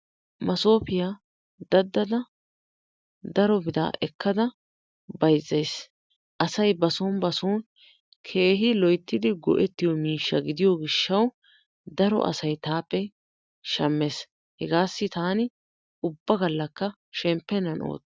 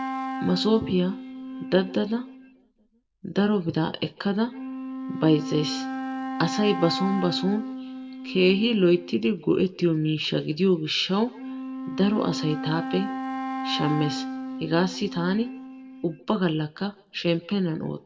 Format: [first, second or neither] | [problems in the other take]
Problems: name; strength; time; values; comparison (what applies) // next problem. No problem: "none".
first | background sound (Wind instrument, woodwind instrument); 9 dB below the speech // room echo; dies away in 0.5 s